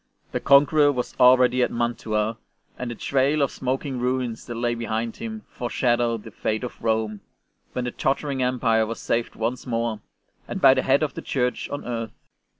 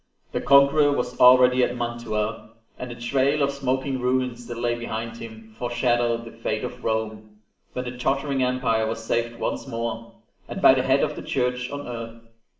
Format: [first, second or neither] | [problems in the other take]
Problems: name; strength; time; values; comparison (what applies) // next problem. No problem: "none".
first | room echo; dies away in 0.6 s